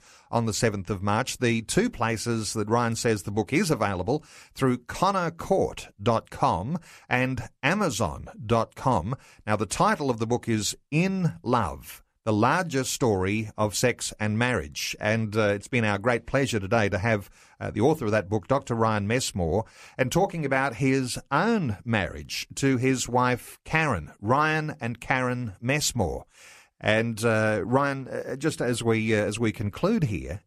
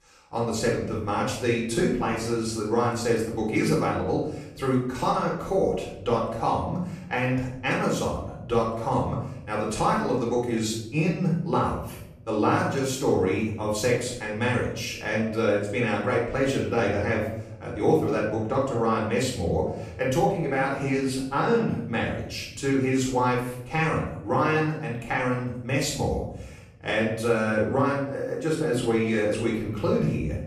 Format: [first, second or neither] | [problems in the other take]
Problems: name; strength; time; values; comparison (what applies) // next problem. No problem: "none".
first | off-mic speech; far // room echo; noticeable; dies away in 0.8 s